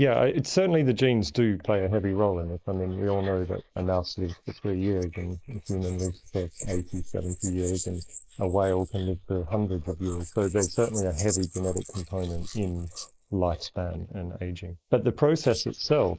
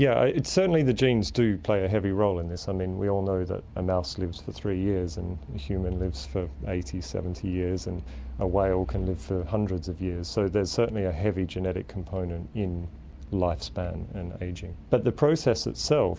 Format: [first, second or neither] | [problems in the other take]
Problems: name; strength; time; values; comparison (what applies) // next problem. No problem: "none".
second | noise reduction (neural mask model Resemble Enhance denoiser)